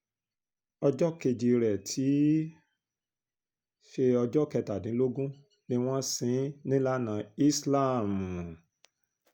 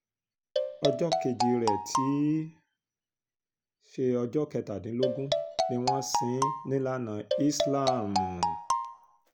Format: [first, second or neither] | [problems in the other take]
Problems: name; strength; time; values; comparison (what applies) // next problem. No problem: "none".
first | background sound (Marimba, xylophone); 1 dB above the speech